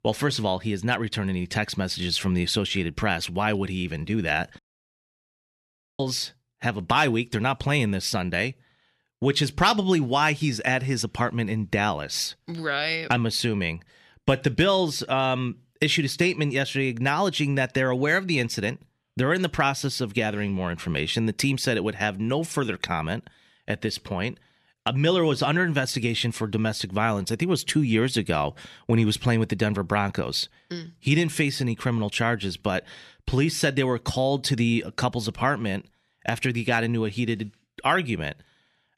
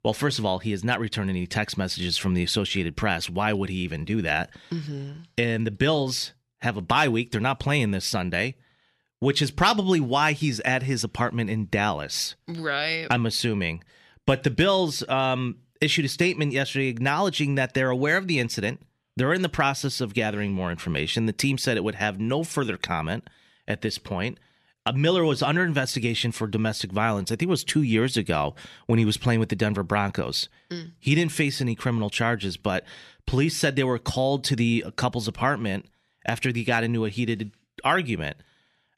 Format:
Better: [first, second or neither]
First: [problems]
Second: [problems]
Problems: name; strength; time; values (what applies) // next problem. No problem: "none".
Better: second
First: audio cutting out; at 4.5 s for 1.5 s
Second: none